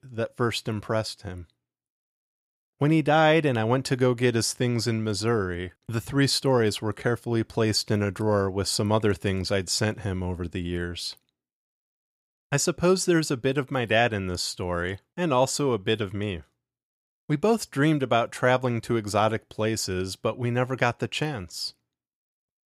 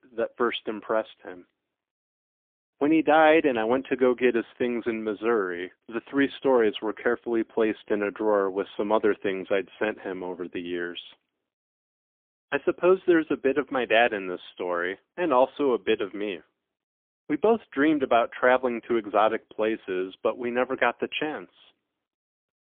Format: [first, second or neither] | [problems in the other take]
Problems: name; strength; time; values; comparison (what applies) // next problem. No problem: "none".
first | phone-call audio; poor line; nothing above 3.5 kHz